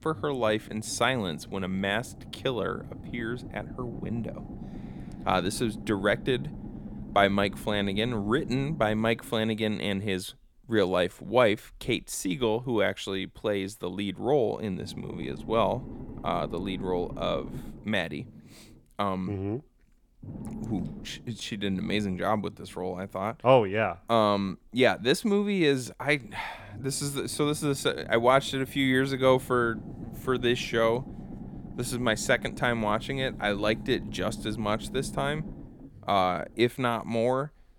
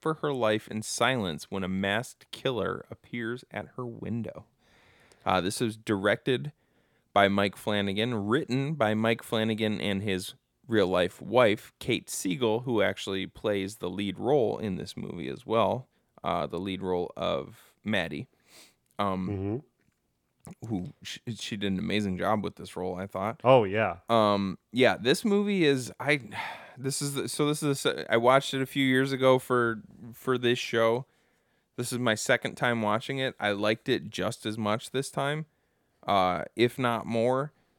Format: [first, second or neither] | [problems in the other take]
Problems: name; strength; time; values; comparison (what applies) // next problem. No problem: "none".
second | low rumble; faint; throughout; 20 dB below the speech